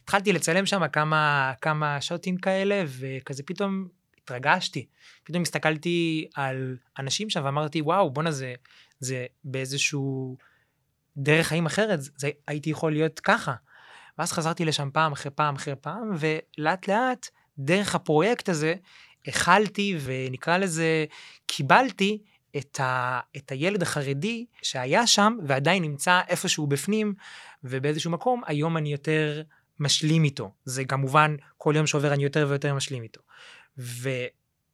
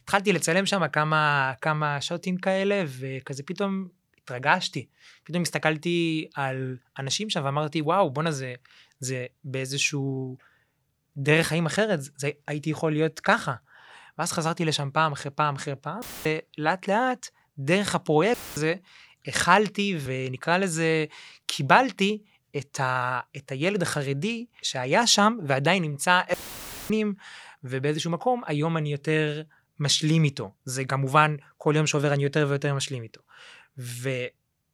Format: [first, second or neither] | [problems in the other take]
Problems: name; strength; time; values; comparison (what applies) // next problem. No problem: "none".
first | audio cutting out; filled with static; at 16 s, at 18 s and at 26 s for 0.5 s